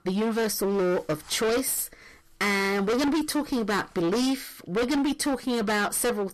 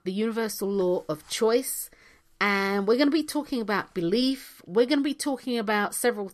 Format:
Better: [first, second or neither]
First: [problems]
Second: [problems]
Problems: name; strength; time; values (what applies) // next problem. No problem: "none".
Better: second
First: distortion; heavy; 27% of the sound clipped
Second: none